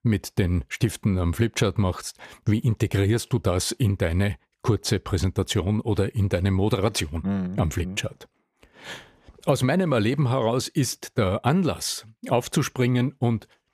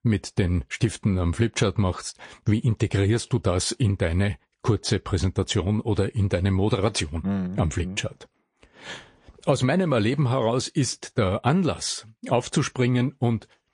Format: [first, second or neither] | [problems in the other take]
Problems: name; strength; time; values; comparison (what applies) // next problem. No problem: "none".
first | garbled, watery; slightly